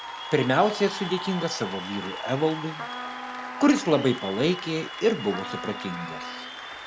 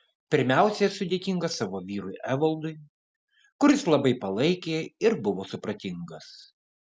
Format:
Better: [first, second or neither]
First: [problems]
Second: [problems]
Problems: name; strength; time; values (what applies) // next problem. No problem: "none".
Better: second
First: background sound (Applause / Cheering + Trumpet); 9 dB below the speech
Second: none